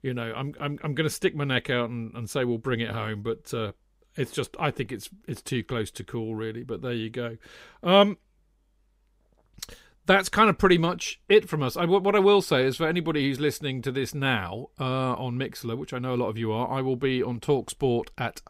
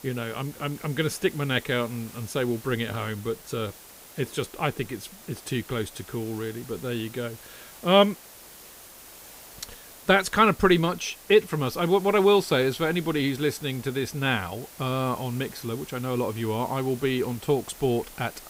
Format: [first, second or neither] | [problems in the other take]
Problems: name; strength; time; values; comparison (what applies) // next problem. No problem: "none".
first | hiss; noticeable; throughout; 20 dB below the speech